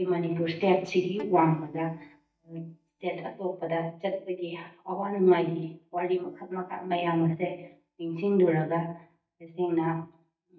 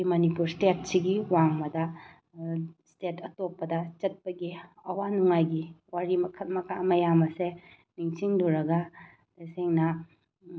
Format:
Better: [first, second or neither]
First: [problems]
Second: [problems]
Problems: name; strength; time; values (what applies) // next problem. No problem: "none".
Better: second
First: noise reduction (neural mask model DeepFilterNet 3)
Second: none